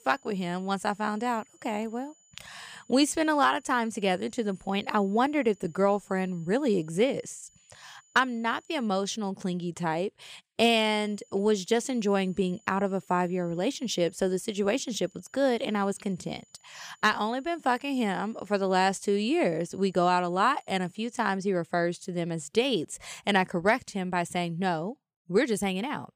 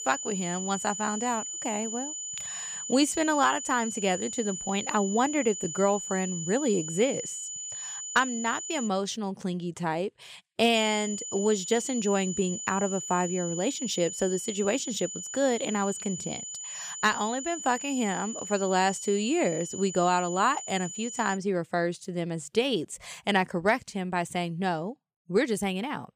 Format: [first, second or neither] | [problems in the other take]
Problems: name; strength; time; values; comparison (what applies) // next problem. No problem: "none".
first | high-pitched whine; loud; until 9 s and from 11 to 21 s; 7 kHz, 7 dB below the speech; faint in the first